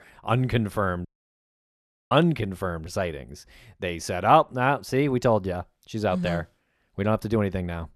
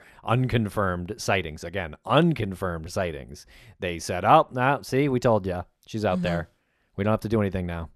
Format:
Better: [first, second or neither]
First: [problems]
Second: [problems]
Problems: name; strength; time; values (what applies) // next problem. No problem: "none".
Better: second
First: audio cutting out; at 1 s for 1 s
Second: none